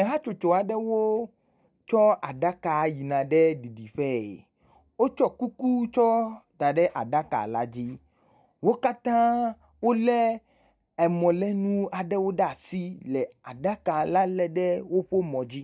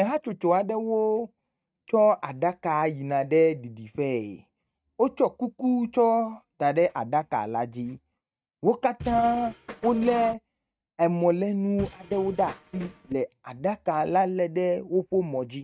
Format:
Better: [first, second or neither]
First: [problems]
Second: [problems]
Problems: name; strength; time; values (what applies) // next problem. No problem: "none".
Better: first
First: none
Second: noise reduction (neural mask model RNNoise)